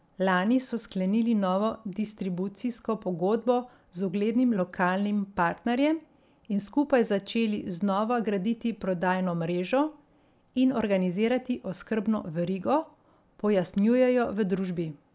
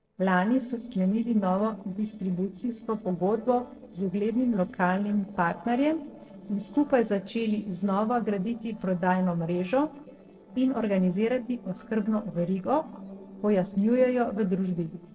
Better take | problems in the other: first | noise reduction (neural separator model SepFormer DNS4)

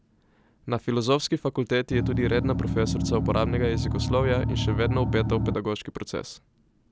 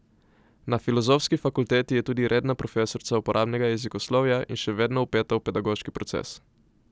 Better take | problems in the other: second | background sound (Engine); 1 dB above the speech

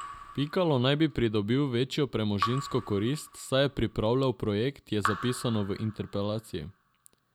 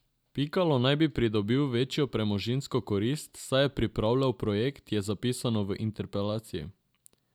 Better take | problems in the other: second | background sound (Raindrop / Drip); 13 dB below the speech

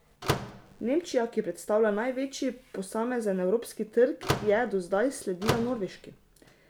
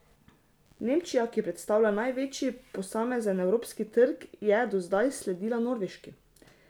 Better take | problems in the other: second | background sound (Slam / Microwave oven); 6 dB below the speech

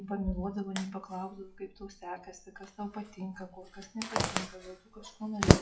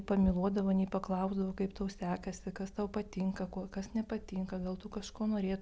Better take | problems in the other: second | noise reduction (classical method WPE with log-MMSE)

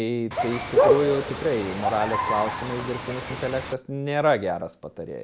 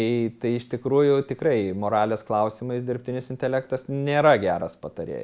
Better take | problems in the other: second | background sound (Bird); 1 dB above the speech

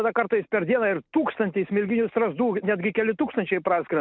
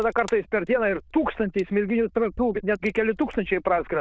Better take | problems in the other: first | noise reduction (neural diffusion model UNIVERSE++)

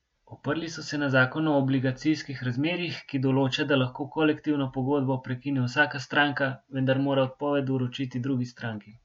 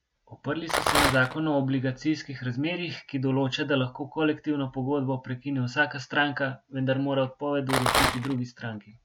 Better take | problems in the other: first | background sound (Rattle); 2 dB above the speech

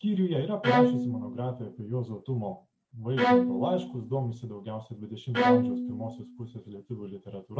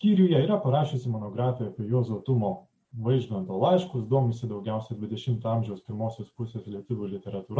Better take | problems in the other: second | background sound (Bowed string instrument); 4 dB above the speech

